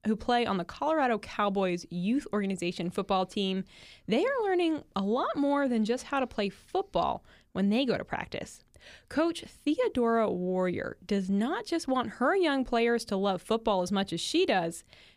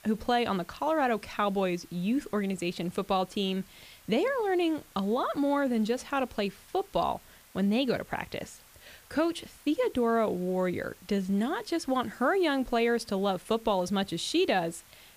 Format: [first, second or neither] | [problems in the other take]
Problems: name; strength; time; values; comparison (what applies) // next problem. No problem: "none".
first | hiss; faint; throughout; 25 dB below the speech